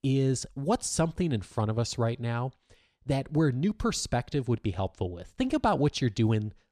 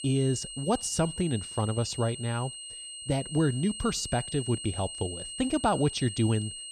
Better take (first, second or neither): first